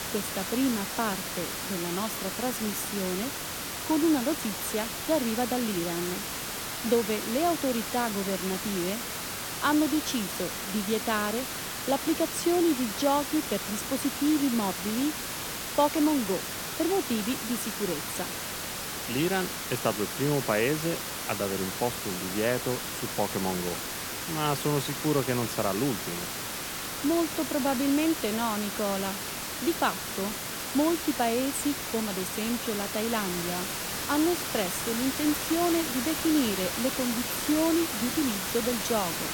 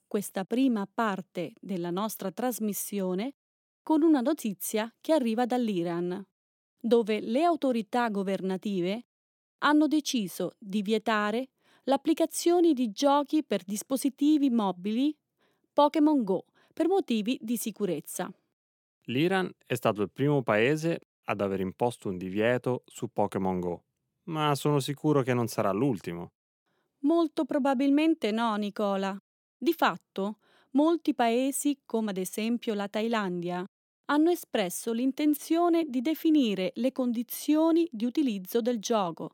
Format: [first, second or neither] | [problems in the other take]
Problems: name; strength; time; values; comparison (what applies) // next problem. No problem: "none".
second | hiss; loud; throughout; 3 dB below the speech